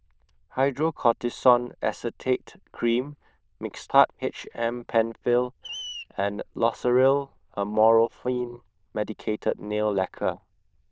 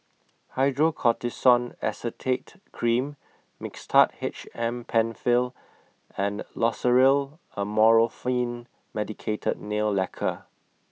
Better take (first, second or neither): second